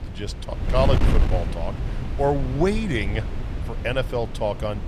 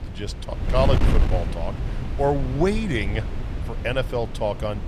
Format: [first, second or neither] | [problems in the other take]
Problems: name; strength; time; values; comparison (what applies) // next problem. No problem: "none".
neither | wind noise on the microphone; heavy; 9 dB below the speech; the same in both